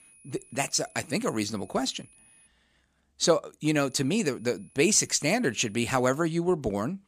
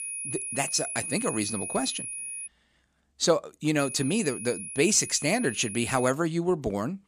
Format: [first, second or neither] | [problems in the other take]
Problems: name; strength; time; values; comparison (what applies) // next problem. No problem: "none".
first | high-pitched whine; loud; until 2.5 s and from 4 to 6 s; 10.5 kHz, 7 dB below the speech; faint in the first